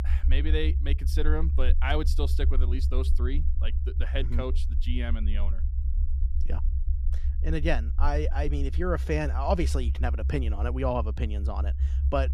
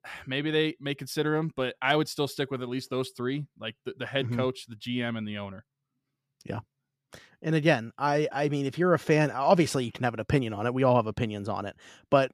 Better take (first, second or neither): second